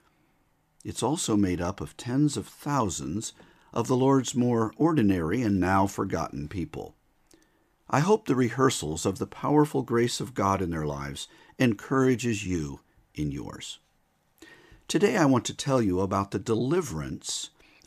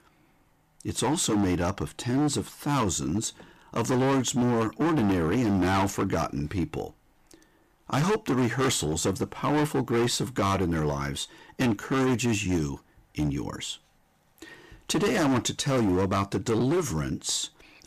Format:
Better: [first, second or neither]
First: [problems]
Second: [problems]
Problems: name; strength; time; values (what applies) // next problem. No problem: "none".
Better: first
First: none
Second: distortion; heavy; 15% of the sound clipped